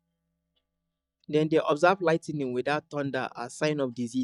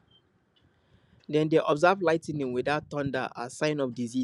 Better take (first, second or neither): second